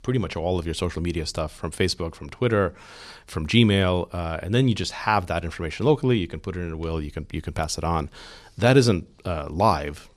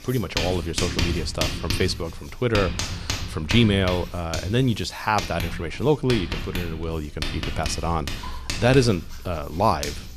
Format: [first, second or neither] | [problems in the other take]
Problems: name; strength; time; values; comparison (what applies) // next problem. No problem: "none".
first | household noises; loud; throughout; 5 dB below the speech